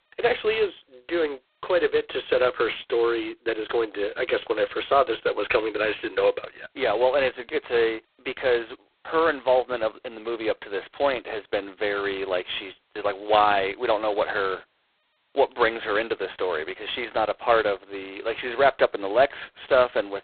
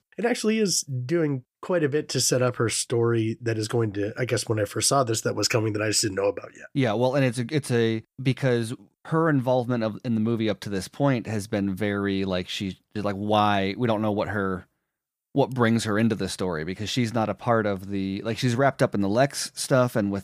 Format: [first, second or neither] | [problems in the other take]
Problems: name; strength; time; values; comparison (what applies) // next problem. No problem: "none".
second | phone-call audio; poor line; nothing above 4 kHz